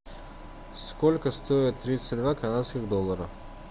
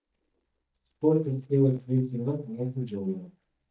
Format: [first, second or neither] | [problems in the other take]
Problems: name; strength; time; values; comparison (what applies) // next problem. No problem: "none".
first | noise reduction (neural mask model DeepFilterNet 3)